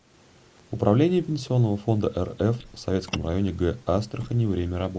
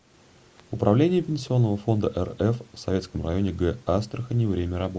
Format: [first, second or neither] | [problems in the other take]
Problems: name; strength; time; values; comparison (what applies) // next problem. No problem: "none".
second | noise reduction (neural mask model Resemble Enhance denoiser)